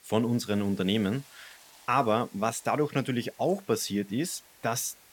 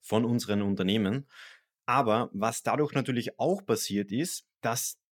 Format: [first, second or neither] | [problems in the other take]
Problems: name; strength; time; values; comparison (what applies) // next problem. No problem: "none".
second | hiss; faint; throughout; 25 dB below the speech